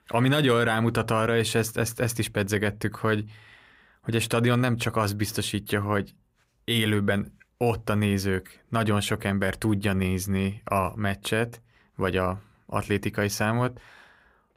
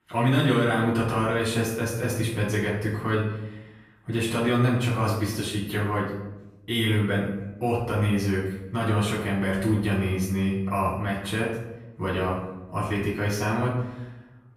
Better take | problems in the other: first | off-mic speech; far // room echo; noticeable; dies away in 0.9 s

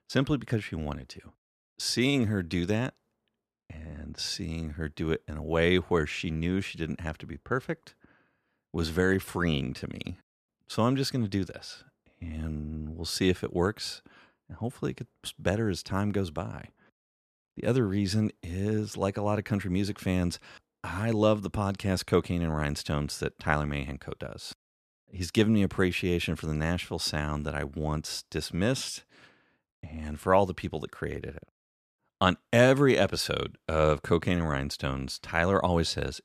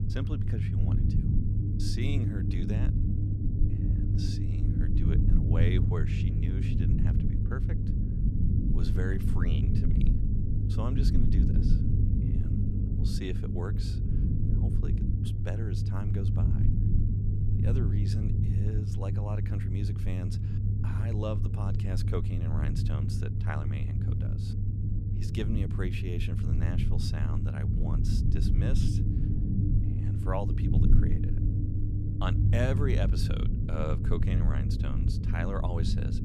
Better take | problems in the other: first | low rumble; loud; throughout; as loud as the speech

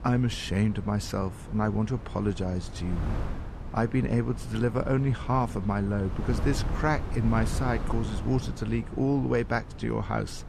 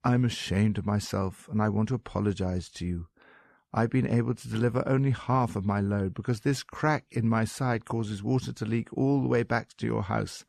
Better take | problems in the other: second | wind noise on the microphone; occasional gusts; 10 dB below the speech

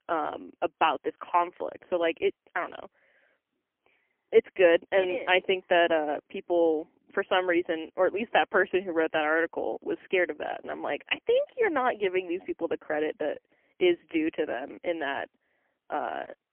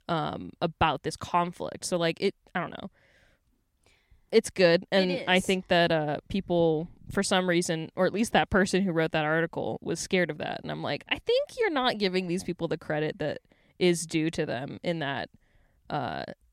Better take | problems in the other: second | phone-call audio; poor line; nothing above 3 kHz

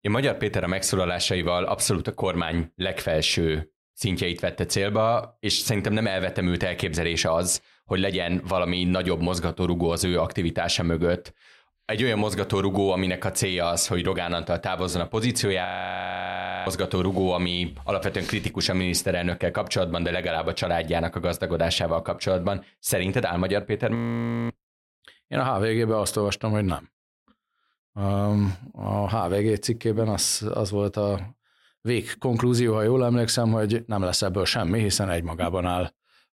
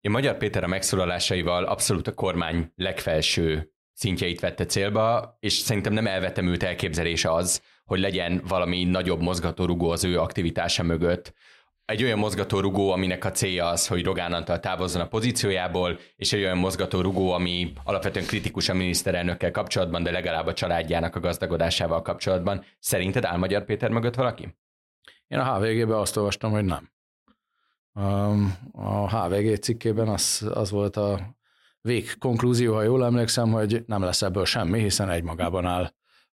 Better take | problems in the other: second | audio freezing; at 16 s for 1 s and at 24 s for 0.5 s

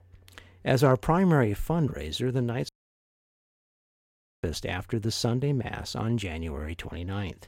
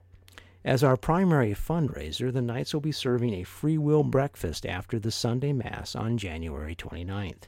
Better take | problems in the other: second | audio cutting out; at 2.5 s for 1.5 s

